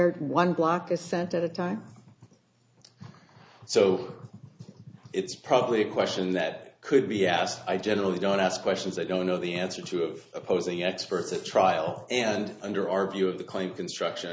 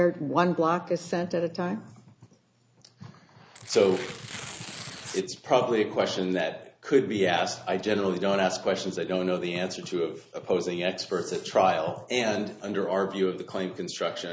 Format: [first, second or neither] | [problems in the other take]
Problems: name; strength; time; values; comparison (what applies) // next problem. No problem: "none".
first | background sound (Tearing); 13 dB below the speech